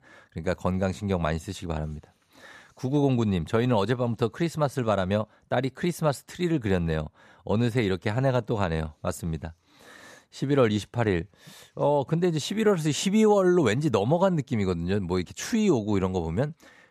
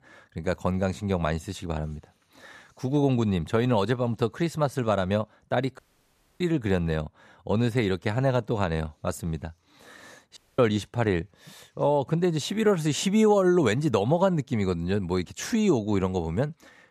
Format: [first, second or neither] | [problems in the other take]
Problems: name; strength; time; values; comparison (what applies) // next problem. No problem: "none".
first | audio cutting out; at 6 s for 0.5 s and at 10 s